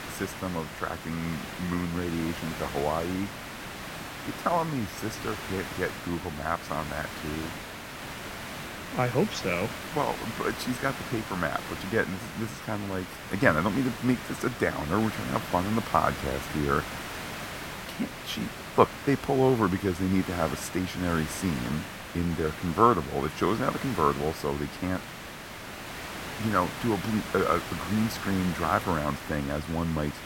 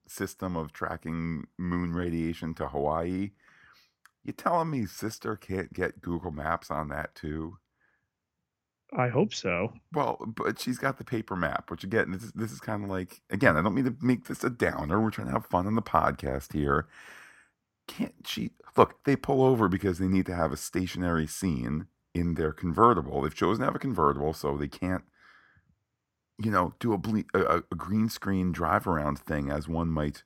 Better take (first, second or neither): second